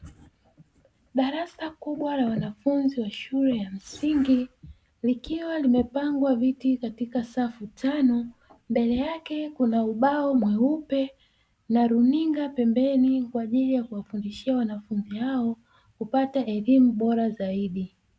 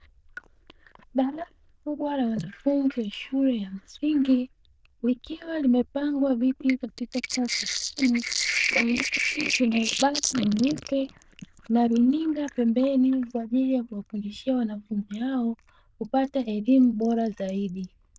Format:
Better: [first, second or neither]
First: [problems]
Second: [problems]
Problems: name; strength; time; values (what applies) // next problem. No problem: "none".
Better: first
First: none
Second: noise reduction (neural diffusion model UNIVERSE++)